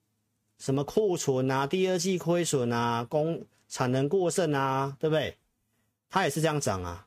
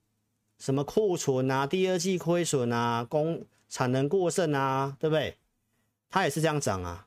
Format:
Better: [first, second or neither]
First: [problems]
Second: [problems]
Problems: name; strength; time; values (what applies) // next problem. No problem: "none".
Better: second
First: garbled, watery; slightly; nothing above 15 kHz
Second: none